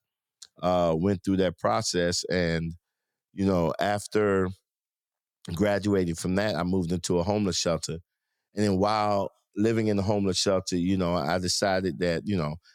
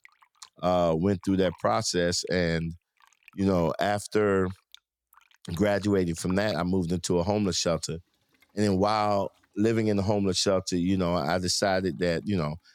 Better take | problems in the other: first | household noises; faint; throughout; 30 dB below the speech

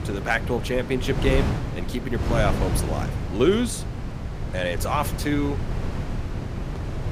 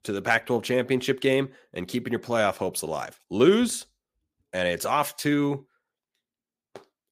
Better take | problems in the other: second | wind noise on the microphone; heavy; 8 dB below the speech

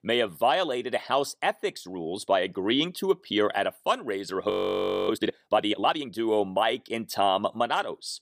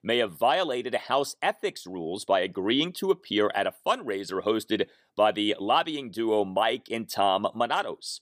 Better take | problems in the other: second | audio freezing; at 4.5 s for 0.5 s

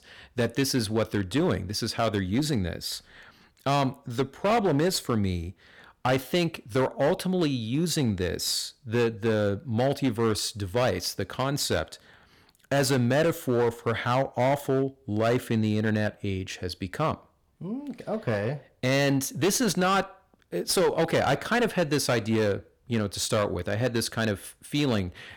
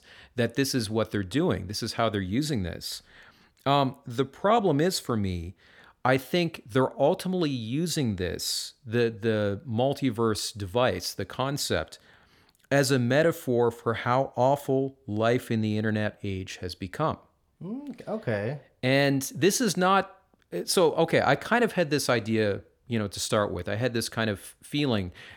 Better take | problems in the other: second | distortion; slight; 9% of the sound clipped

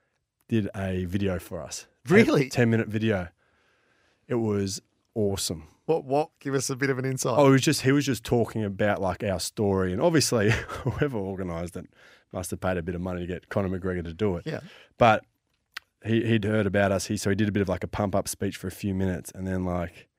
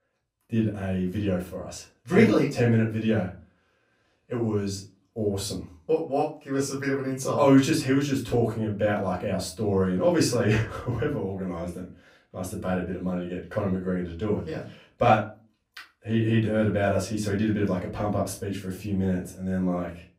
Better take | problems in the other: first | room echo; slight; dies away in 0.3 s // off-mic speech; far

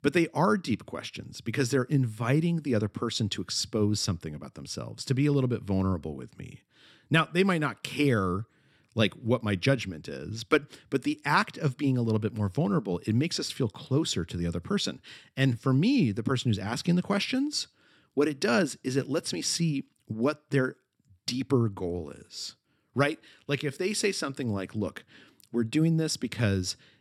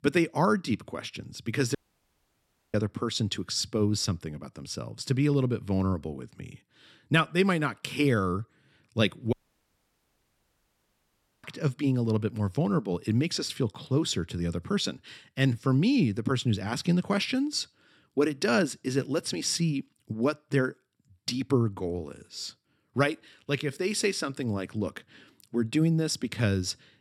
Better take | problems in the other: first | audio cutting out; at 2 s for 1 s and at 9.5 s for 2 s

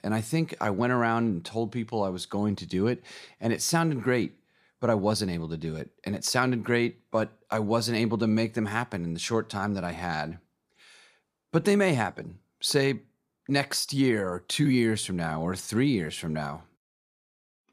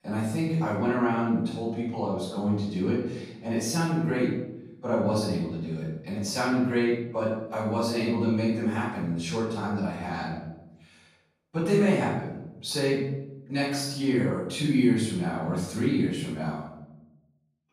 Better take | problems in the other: first | off-mic speech; far // room echo; noticeable; dies away in 0.8 s

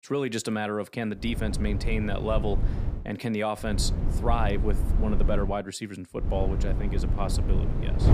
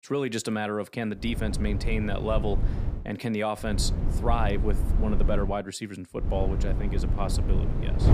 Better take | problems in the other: neither | wind noise on the microphone; heavy; from 1.5 to 3 s, from 3.5 to 5.5 s and from 6 s on; 9 dB below the speech; the same in both

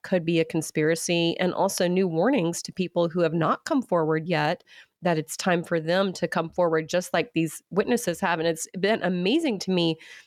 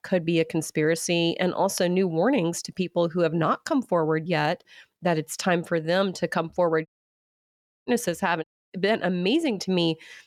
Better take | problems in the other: first | audio cutting out; at 7 s for 1 s and at 8.5 s

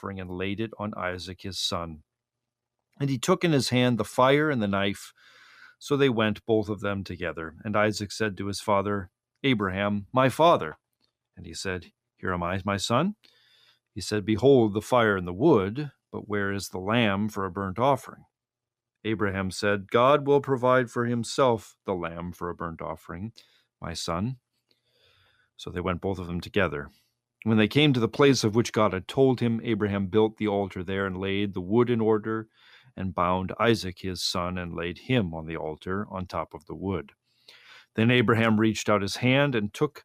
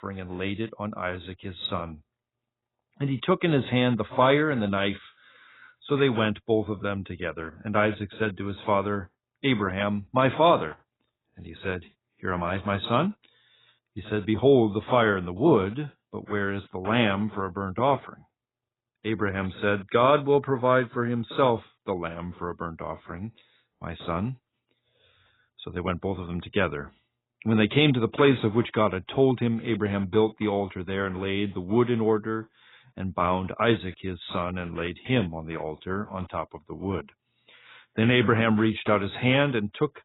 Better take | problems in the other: first | garbled, watery; badly; nothing above 4 kHz

